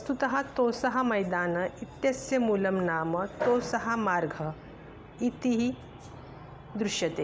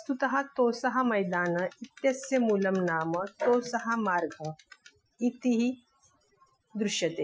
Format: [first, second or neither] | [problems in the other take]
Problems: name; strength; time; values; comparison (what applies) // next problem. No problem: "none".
first | noise reduction (classical method Wiener filter)